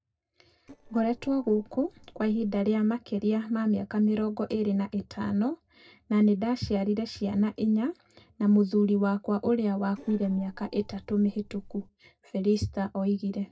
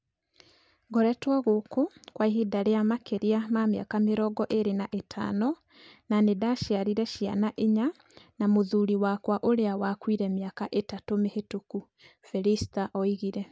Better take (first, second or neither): second